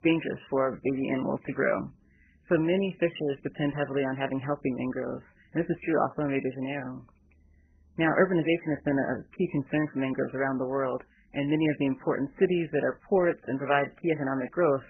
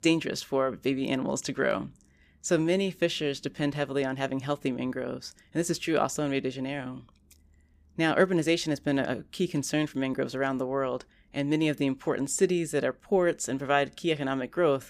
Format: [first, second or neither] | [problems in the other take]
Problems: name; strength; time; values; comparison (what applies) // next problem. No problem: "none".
second | garbled, watery; badly; nothing above 3 kHz